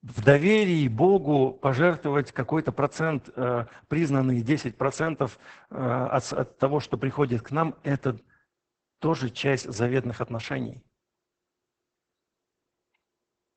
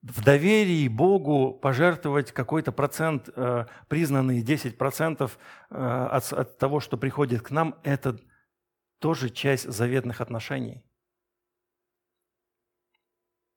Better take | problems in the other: second | garbled, watery; badly; nothing above 8 kHz

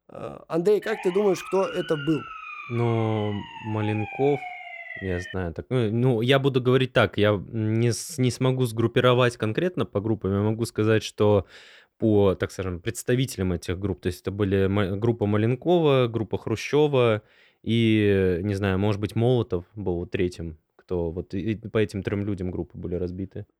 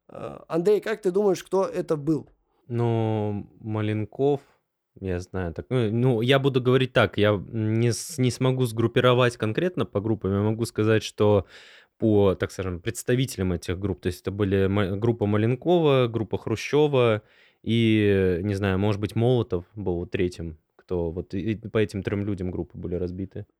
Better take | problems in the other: second | siren; noticeable; from 1 to 5.5 s; peak 10 dB below the speech

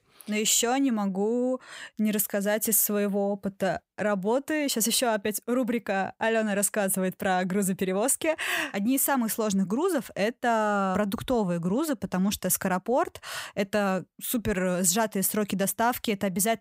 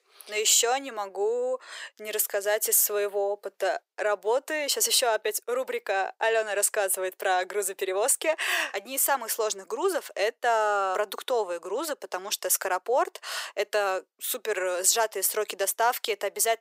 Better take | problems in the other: first | thin; very; fading below 400 Hz

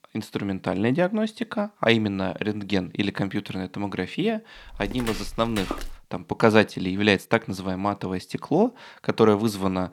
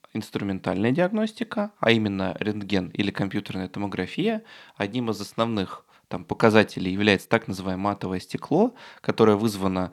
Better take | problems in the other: second | footsteps; noticeable; from 4.5 to 6 s; peak 9 dB below the speech

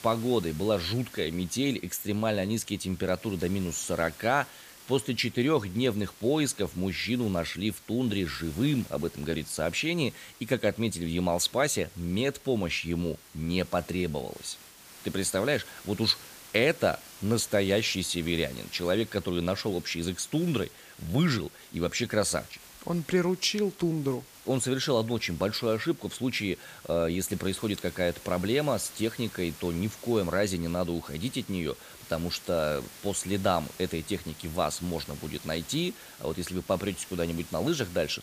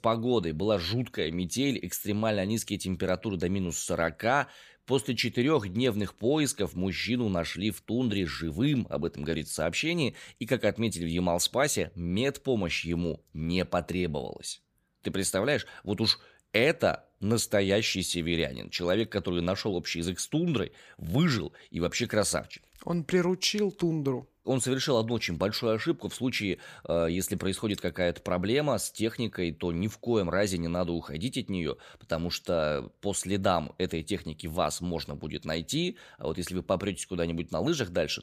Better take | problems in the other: second | hiss; noticeable; throughout; 20 dB below the speech

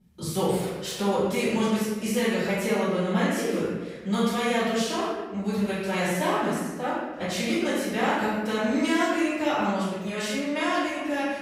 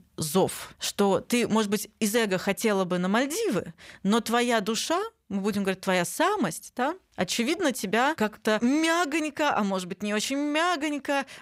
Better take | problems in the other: second | off-mic speech; far // room echo; strong; dies away in 1.1 s

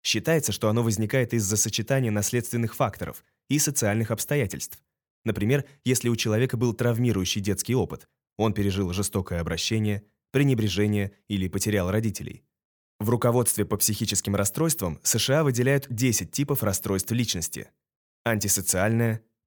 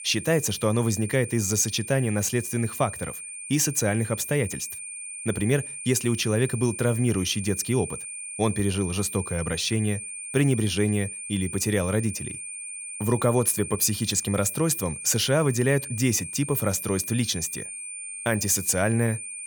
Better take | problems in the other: first | high-pitched whine; loud; throughout; 9 kHz, 9 dB below the speech

